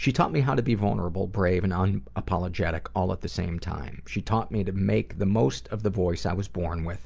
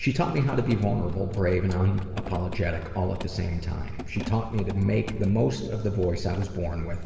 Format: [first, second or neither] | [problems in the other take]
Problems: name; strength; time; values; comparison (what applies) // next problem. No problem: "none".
first | background sound (Mechanisms); 18 dB below the speech // room echo; dies away in 2.1 s